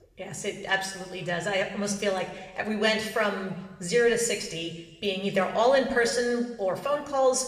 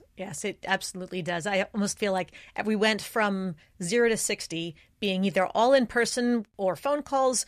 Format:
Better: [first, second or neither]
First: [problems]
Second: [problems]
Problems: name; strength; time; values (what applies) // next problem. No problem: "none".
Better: second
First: room echo; slight; dies away in 1 s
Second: none